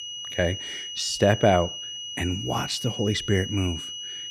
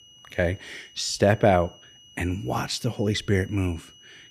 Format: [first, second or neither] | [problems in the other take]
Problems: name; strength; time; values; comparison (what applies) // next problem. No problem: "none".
second | high-pitched whine; loud; throughout; 3 kHz, 7 dB below the speech; faint in the second